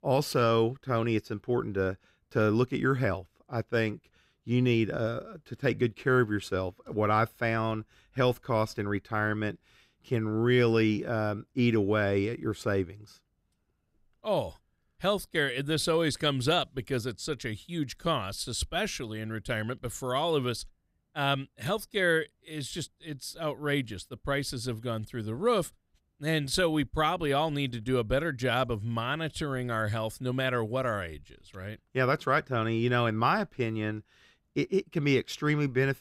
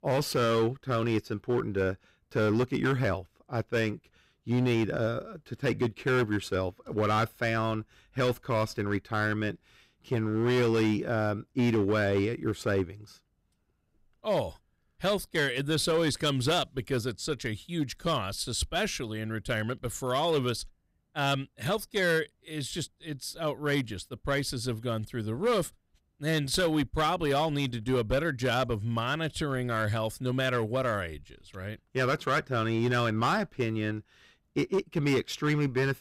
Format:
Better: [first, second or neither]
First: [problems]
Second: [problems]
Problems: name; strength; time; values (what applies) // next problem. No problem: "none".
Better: first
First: none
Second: distortion; slight; 6% of the sound clipped